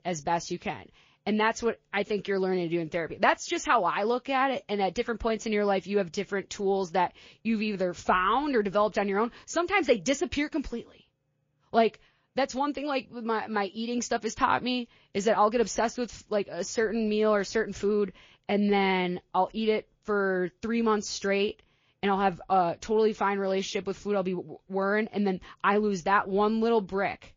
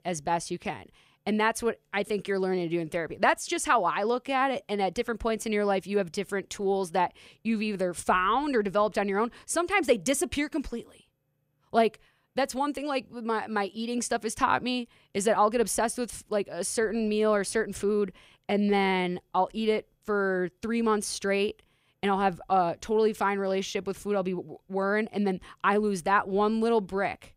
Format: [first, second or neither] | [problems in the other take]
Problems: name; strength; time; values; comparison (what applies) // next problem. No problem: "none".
second | garbled, watery; slightly